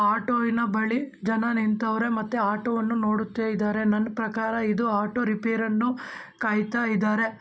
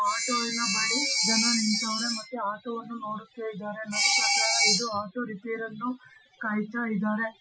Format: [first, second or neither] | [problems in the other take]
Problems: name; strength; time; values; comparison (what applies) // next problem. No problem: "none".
first | noise reduction (classical method Wiener filter)